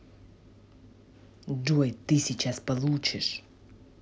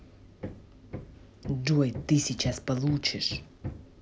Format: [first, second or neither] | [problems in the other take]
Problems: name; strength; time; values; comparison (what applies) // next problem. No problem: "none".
first | background sound (Hammer); 12 dB below the speech